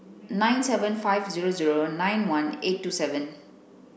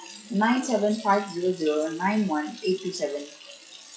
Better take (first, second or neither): first